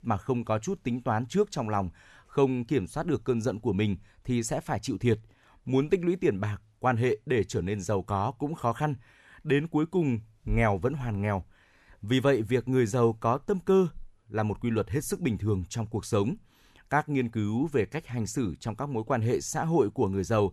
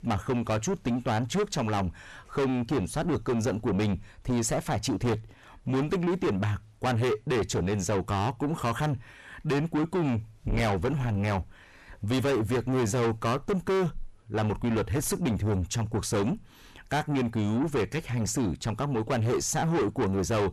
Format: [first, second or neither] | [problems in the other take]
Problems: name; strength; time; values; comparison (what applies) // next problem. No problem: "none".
first | distortion; heavy; 6 dB below the speech